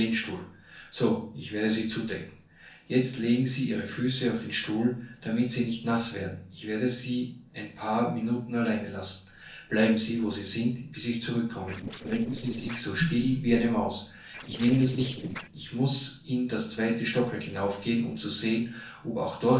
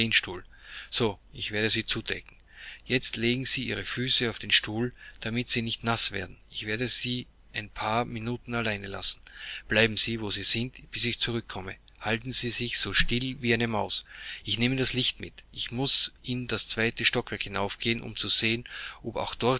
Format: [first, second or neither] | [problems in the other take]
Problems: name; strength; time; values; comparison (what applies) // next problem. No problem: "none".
second | noise reduction (neural separator model SepFormer DNS4)